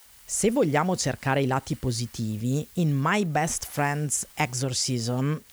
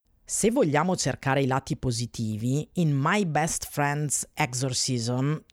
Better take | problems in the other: second | hiss; faint; throughout; 25 dB below the speech

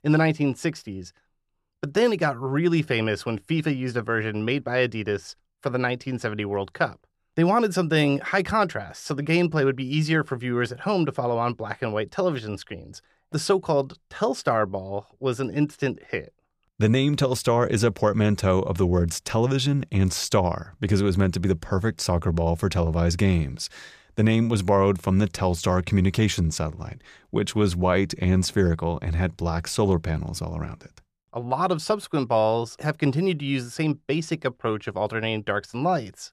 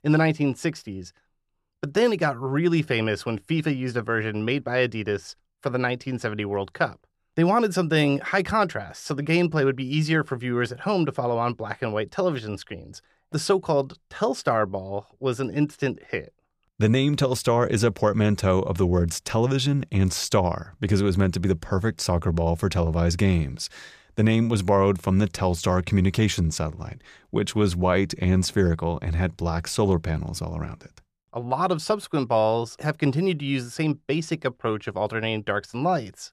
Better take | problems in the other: neither | none

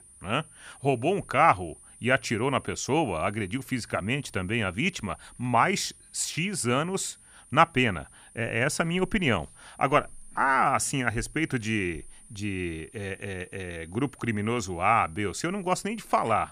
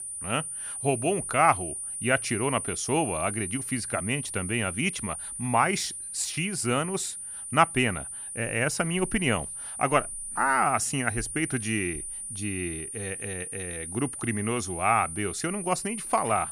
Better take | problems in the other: first | high-pitched whine; loud; throughout; 9.5 kHz, 6 dB below the speech; faint in the first

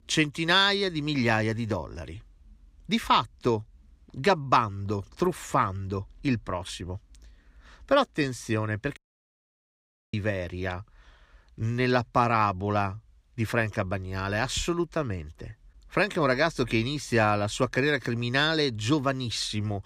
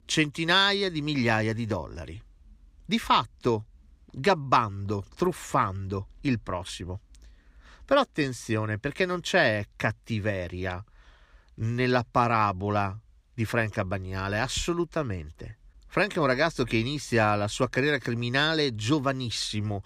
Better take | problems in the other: second | audio cutting out; at 9 s for 1 s

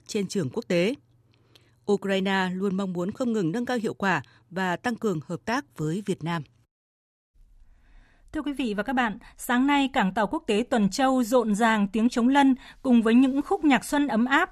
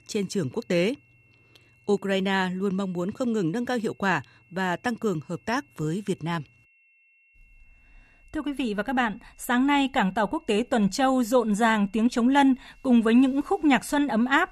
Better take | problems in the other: first | high-pitched whine; faint; throughout; 2.5 kHz, 35 dB below the speech

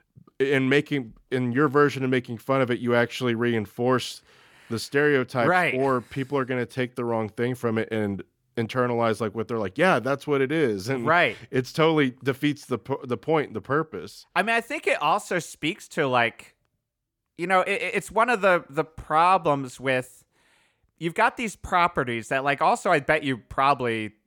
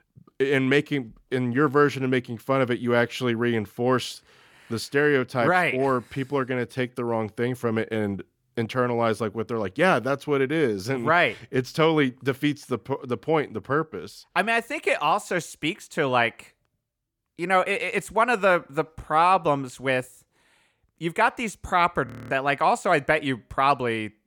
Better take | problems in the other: first | audio freezing; at 22 s

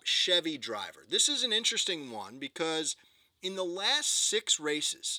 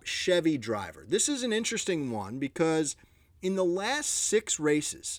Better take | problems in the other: second | thin; very slightly; fading below 700 Hz

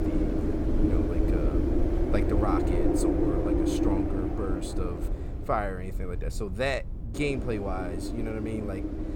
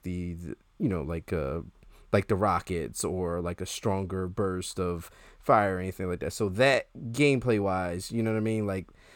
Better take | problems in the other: second | wind noise on the microphone; heavy; 2 dB above the speech

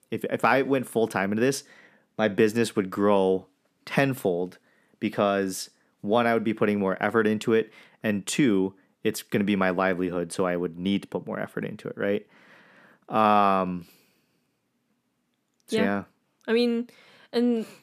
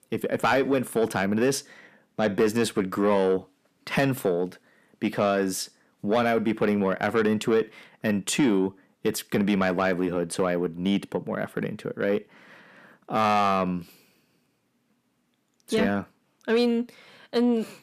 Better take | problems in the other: first | distortion; slight; 10 dB below the speech

